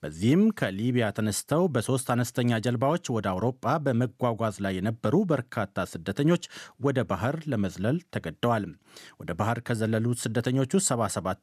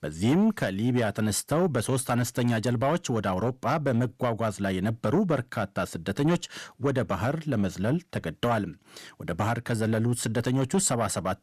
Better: first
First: none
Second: distortion; slight; 10 dB below the speech

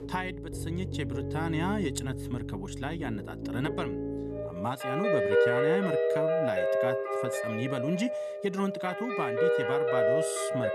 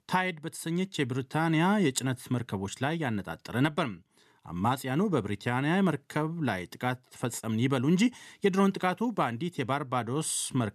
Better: second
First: background music; very loud; throughout; 4 dB above the speech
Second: none

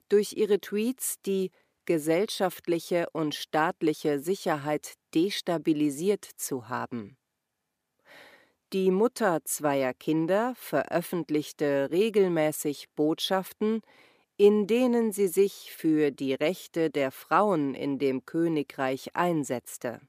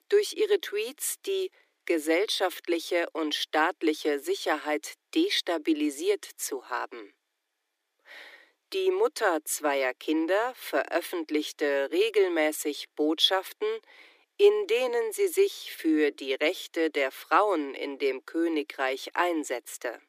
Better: first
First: none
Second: thin; somewhat; fading below 300 Hz

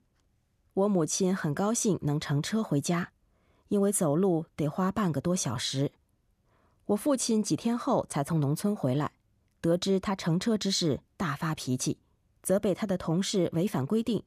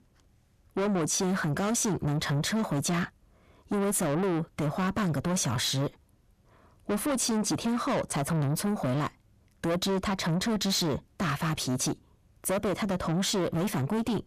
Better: first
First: none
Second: distortion; heavy; 6 dB below the speech

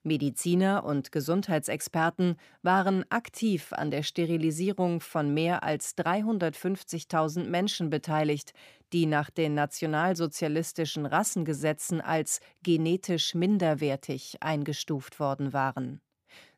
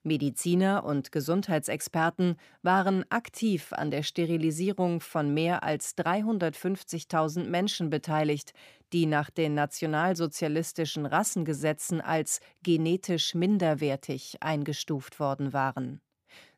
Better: neither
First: none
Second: none

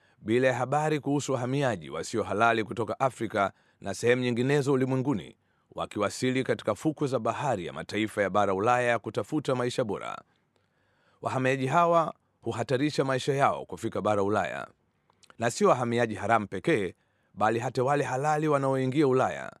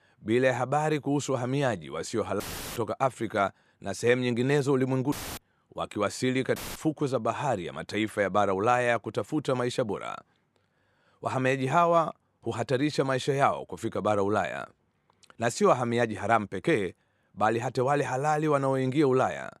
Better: first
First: none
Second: audio cutting out; filled with static; at 2.5 s, at 5 s and at 6.5 s

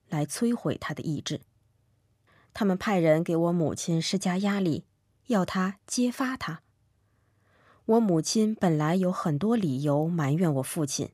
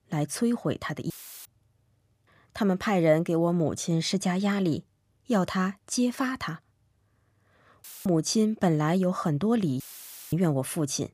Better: first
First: none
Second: audio cutting out; filled with static; at 1 s, at 8 s and at 10 s for 0.5 s

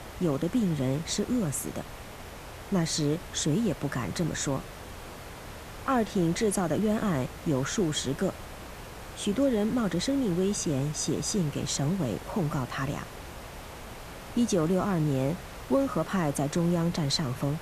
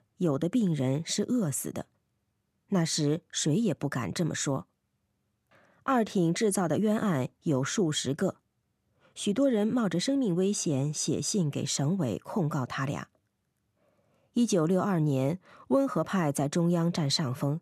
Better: second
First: hiss; noticeable; throughout; 15 dB below the speech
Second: none

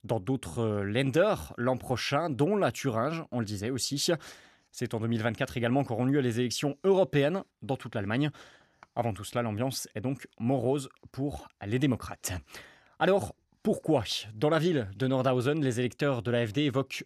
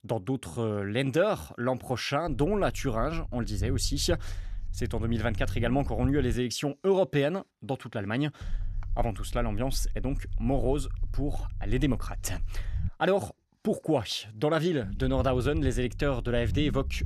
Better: first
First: none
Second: low rumble; faint; from 2.5 to 6.5 s, from 8.5 to 13 s and from 15 s on; 25 dB below the speech

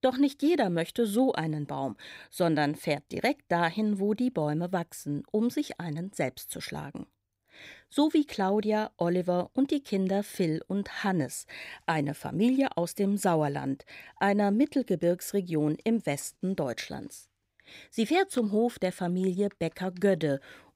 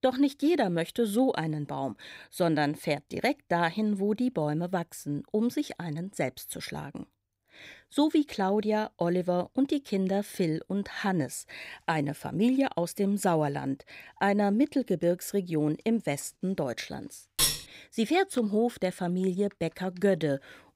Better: first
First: none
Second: clattering dishes; loud; at 17 s; peak 4 dB above the speech

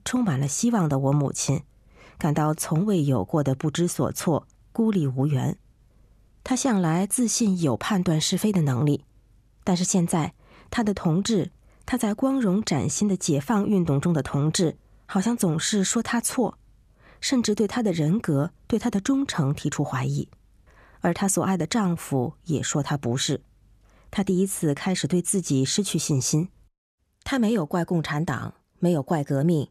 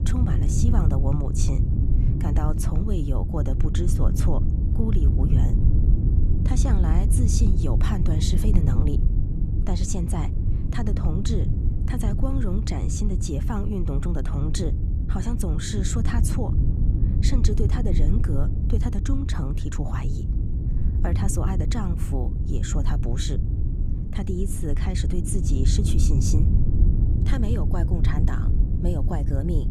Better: first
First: none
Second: wind noise on the microphone; heavy; 3 dB below the speech

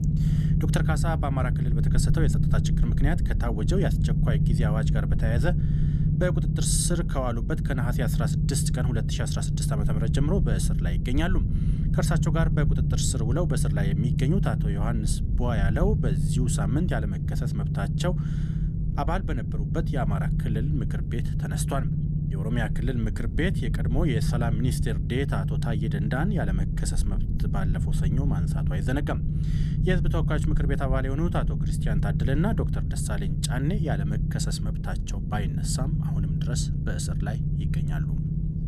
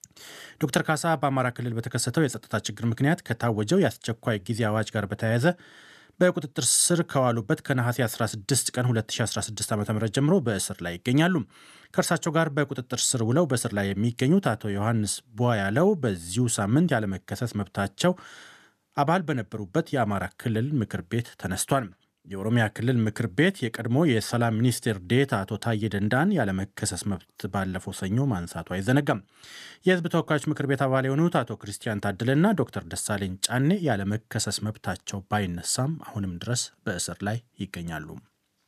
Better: second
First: low rumble; loud; throughout; 4 dB below the speech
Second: none

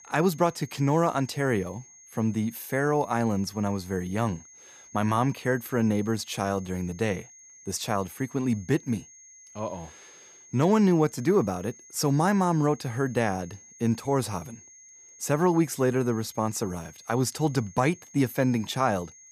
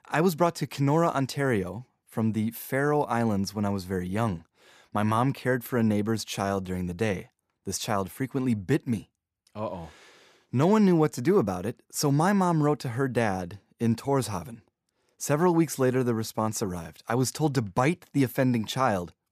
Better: second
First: high-pitched whine; faint; throughout; 6.5 kHz, 20 dB below the speech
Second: none

